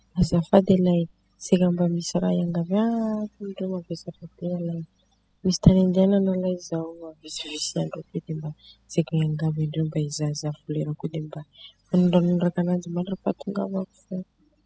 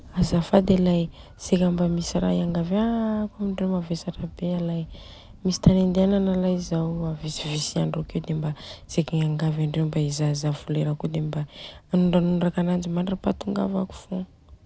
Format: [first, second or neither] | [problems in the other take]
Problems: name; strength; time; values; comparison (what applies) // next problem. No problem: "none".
second | noise reduction (classical method spectral subtraction)